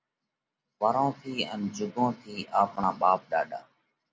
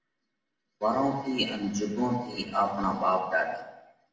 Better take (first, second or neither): first